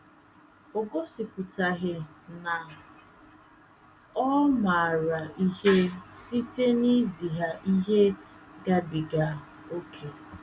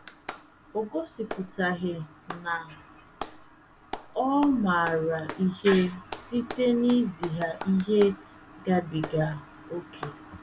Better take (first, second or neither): first